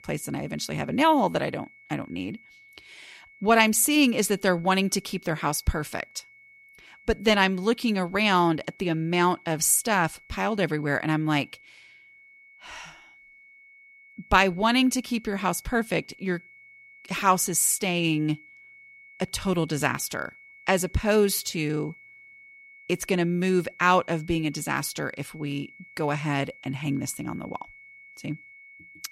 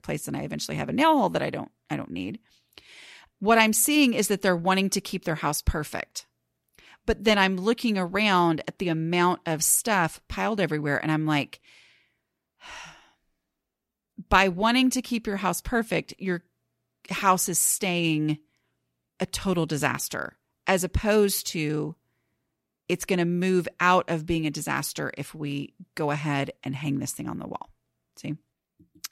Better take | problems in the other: second | high-pitched whine; faint; throughout; 2 kHz, 25 dB below the speech

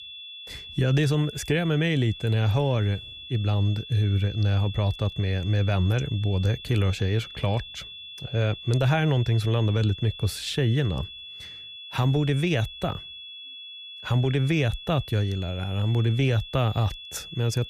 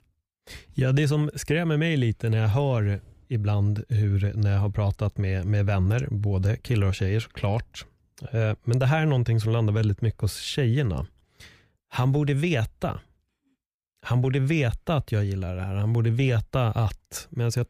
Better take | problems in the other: second | high-pitched whine; noticeable; throughout; 3.5 kHz, 15 dB below the speech

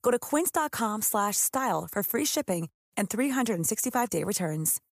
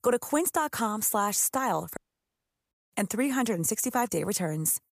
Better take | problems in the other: first | audio cutting out; at 2 s for 1 s

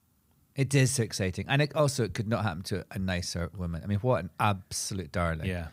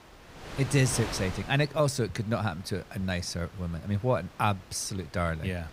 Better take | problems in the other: first | wind noise on the microphone; occasional gusts; 15 dB below the speech

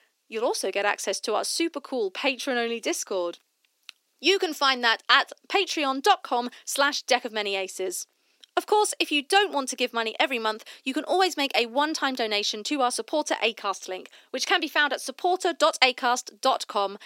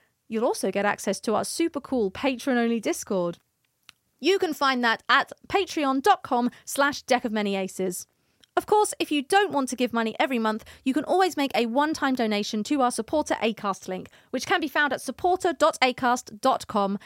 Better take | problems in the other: second | thin; very slightly; fading below 300 Hz

